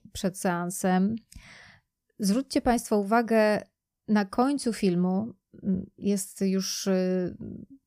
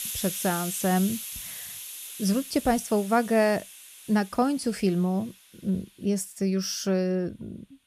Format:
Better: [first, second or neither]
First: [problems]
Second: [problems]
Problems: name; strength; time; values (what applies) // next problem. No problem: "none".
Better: first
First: none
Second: hiss; loud; throughout; 9 dB below the speech